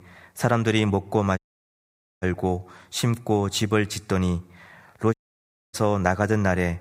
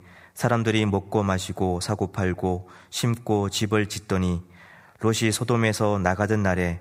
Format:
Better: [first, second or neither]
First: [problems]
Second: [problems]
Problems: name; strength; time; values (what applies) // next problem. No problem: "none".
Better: second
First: audio cutting out; at 1.5 s for 1 s and at 5 s for 0.5 s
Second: none